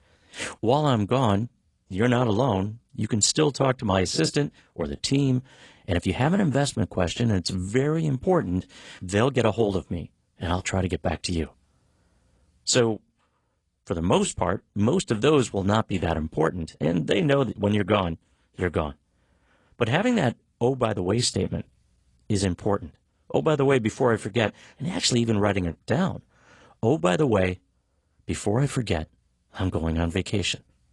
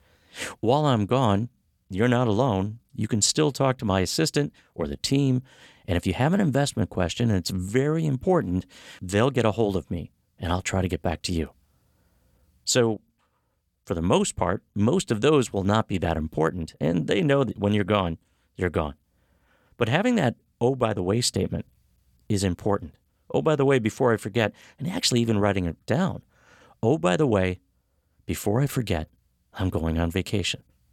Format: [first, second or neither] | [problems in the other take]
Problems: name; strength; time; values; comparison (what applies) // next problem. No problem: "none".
second | garbled, watery; slightly